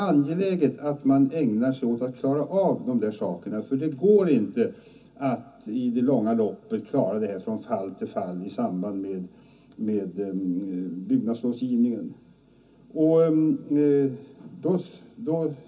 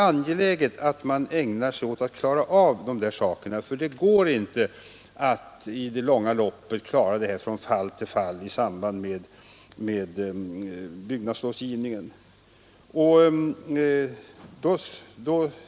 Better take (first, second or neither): second